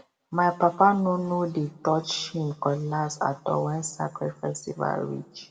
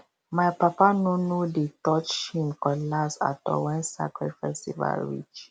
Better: second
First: room echo; dies away in 0.7 s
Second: none

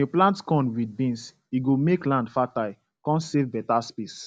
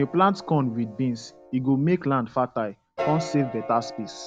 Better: first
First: none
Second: background sound (Piano); 13 dB below the speech

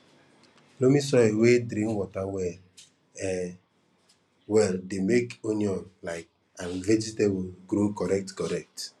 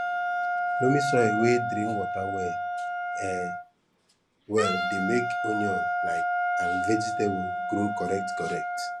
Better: first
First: none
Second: background sound (Wind instrument, woodwind instrument); 1 dB above the speech

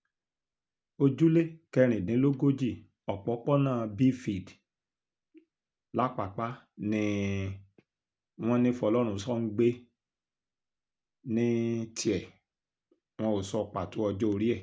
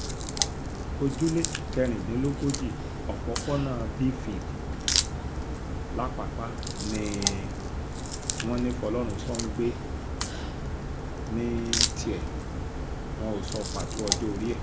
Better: first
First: none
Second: background sound (Crack); 1 dB above the speech

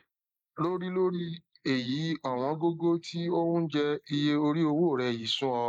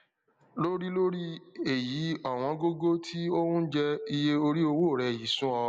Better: second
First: noise reduction (neural mask model Resemble Enhance denoiser)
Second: none

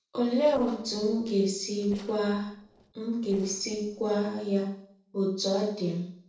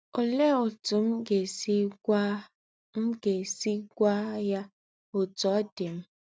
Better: second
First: noise reduction (neural separator model SepFormer DNS4)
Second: none

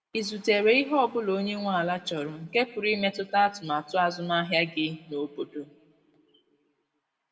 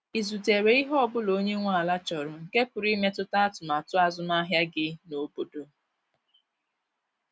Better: second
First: room echo; dies away in 1.2 s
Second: none

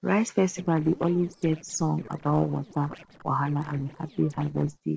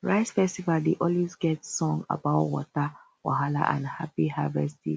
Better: second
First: noise reduction (neural separator model SepFormer DNS4)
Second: none

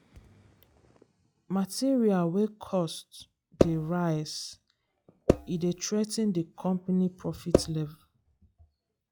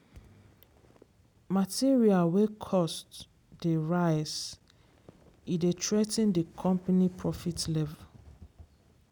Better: second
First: noise reduction (classical method log-MMSE)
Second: none

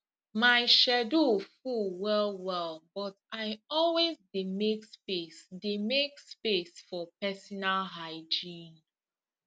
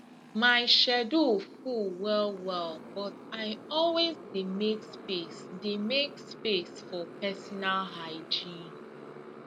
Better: first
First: none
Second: background sound (Motorcycle); 15 dB below the speech

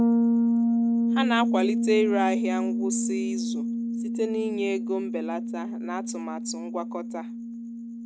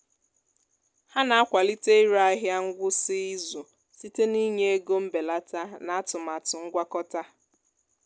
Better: second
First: background sound (Bass guitar); 4 dB above the speech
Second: none

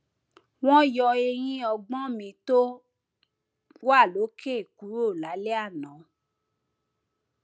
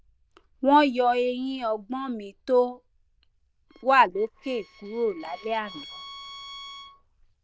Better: first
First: none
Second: noise reduction (neural diffusion model UNIVERSE++)

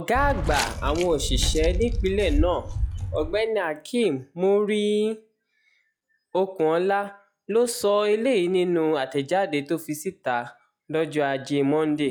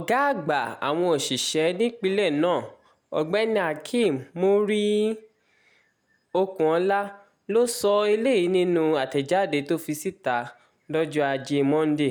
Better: second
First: noise reduction (classical method log-MMSE)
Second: none

